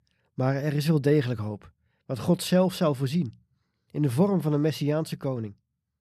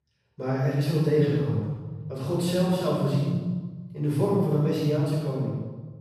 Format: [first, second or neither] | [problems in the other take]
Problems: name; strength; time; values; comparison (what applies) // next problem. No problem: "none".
first | room echo; strong; dies away in 1.4 s // off-mic speech; far